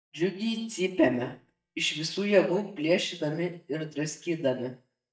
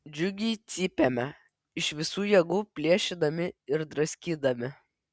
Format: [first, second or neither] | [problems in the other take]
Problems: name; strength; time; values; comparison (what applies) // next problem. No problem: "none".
second | noise reduction (neural mask model DeepFilterNet 3)